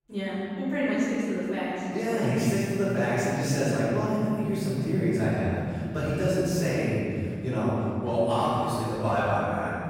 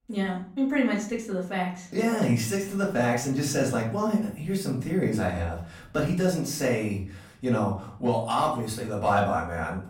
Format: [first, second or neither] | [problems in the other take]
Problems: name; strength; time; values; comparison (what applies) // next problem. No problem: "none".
second | room echo; strong; dies away in 3 s; slight in the second // off-mic speech; far; far in the second